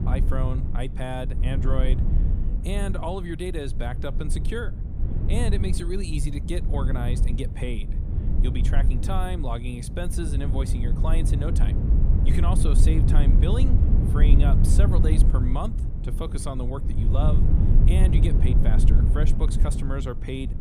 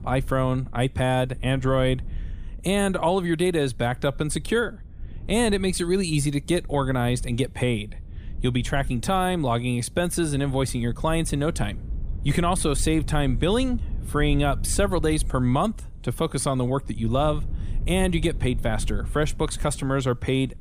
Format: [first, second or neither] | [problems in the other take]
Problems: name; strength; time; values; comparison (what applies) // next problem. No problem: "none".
second | low rumble; loud; throughout; 4 dB below the speech; faint in the second